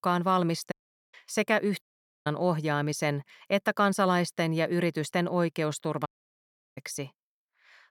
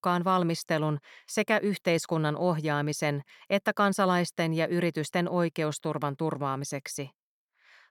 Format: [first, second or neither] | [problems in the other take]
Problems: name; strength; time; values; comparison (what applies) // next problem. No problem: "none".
second | audio cutting out; at 0.5 s, at 2 s and at 6 s for 0.5 s